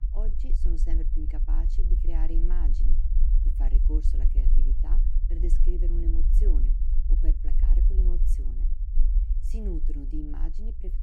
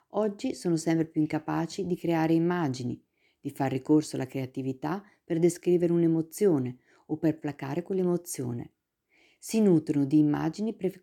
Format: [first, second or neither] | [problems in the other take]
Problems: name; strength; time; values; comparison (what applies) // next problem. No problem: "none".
second | low rumble; loud; throughout; 5 dB below the speech